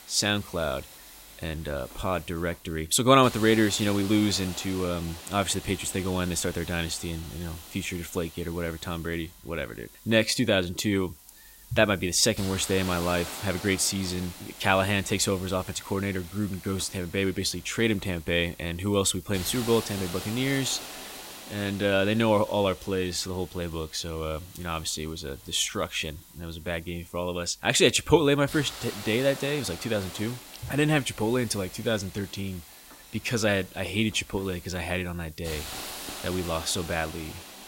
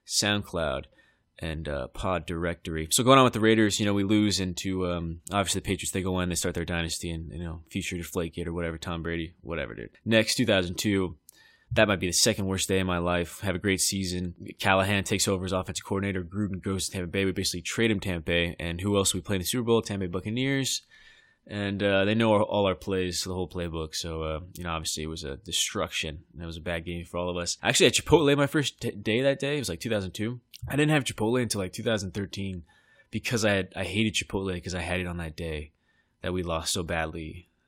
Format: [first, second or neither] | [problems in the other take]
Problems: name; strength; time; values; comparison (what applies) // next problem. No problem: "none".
second | hiss; noticeable; throughout; 15 dB below the speech